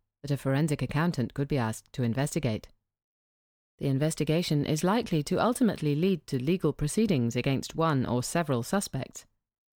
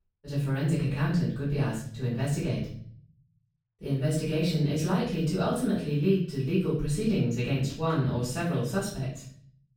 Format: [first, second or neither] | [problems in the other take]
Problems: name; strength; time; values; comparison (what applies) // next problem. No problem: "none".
first | off-mic speech; far // room echo; noticeable; dies away in 0.6 s